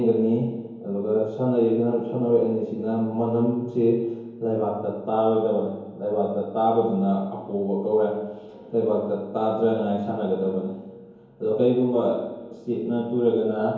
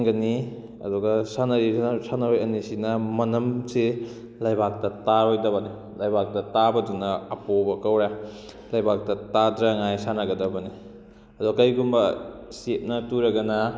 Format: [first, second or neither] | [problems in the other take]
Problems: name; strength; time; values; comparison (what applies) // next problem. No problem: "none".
second | room echo; dies away in 1 s